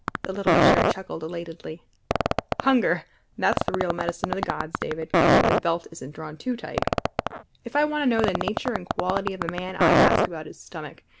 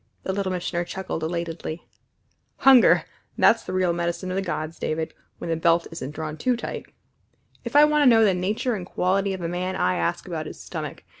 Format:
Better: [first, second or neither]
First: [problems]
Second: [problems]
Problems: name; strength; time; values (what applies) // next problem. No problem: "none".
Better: second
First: background sound (Fart); 3 dB above the speech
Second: none